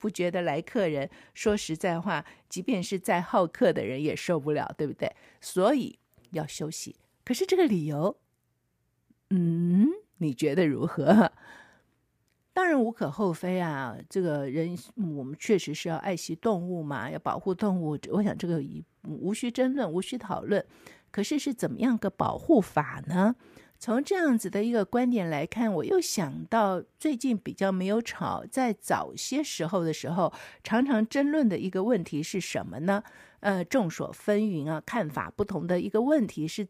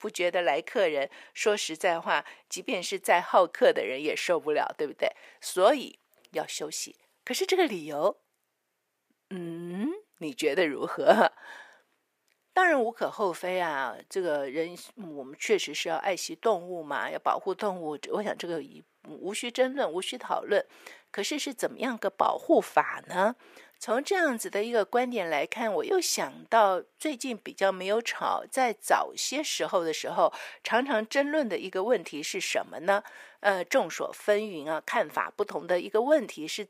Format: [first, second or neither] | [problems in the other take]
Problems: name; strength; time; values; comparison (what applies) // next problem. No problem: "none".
first | thin; somewhat; fading below 550 Hz